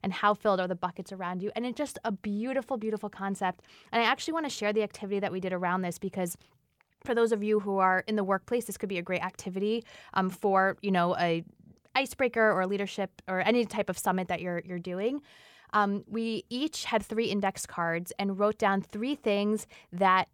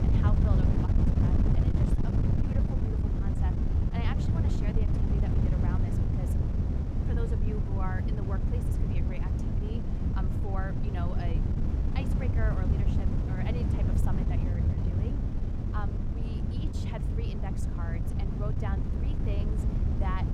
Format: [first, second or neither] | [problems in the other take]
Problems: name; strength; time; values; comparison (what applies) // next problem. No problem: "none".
first | wind noise on the microphone; heavy; 3 dB above the speech